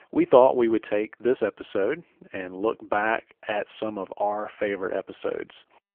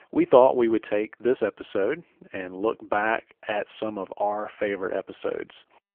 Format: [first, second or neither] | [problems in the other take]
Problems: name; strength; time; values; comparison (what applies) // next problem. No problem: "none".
neither | phone-call audio; poor line; the same in both